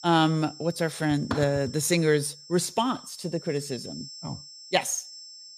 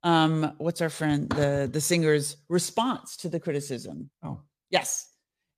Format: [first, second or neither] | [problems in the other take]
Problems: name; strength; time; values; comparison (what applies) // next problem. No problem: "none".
second | high-pitched whine; noticeable; throughout; 5.5 kHz, 15 dB below the speech